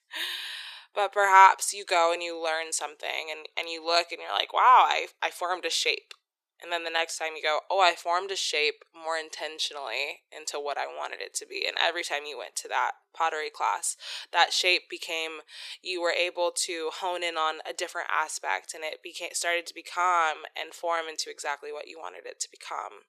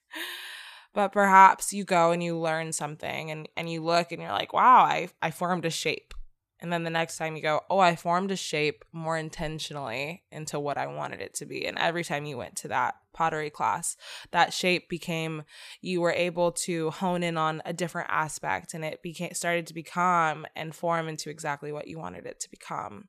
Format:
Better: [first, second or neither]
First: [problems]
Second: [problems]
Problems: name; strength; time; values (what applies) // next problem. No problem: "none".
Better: second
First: thin; very; fading below 400 Hz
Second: none